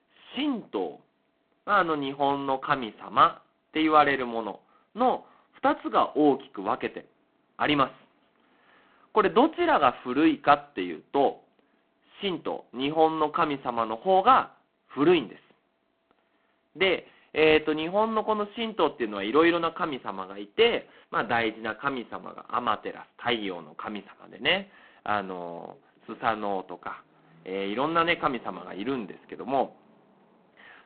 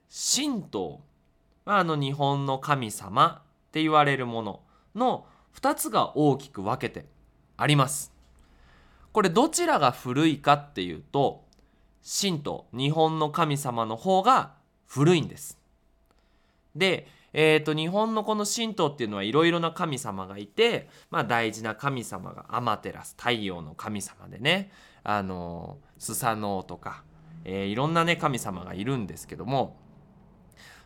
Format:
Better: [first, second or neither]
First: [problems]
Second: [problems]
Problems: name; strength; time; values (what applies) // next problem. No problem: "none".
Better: second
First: phone-call audio; poor line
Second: none